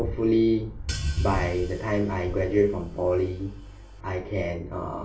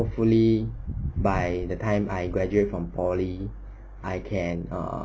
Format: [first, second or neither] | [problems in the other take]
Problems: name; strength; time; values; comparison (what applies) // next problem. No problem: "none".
second | background sound (Hi-hat); 20 dB below the speech // room echo; dies away in 0.3 s